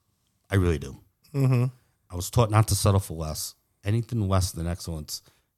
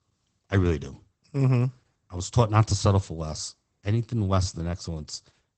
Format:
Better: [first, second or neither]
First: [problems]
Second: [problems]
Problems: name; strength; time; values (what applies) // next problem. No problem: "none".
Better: first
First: none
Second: garbled, watery; badly; nothing above 8 kHz